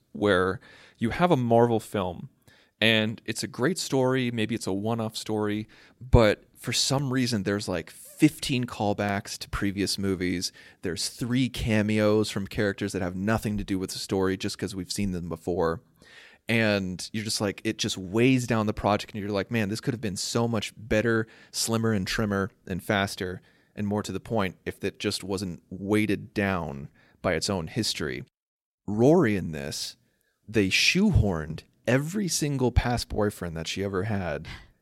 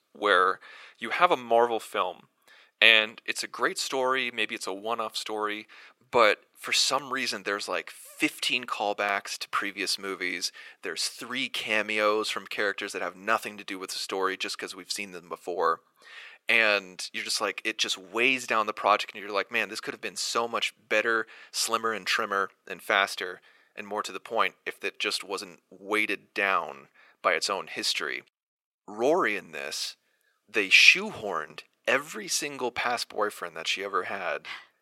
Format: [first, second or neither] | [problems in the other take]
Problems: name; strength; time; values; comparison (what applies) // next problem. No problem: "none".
first | thin; very; fading below 550 Hz